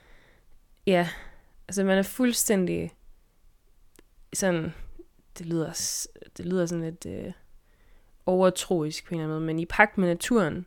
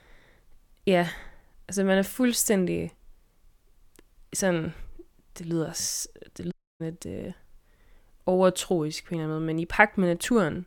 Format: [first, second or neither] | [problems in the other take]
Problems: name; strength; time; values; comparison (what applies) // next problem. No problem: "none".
first | audio cutting out; at 6.5 s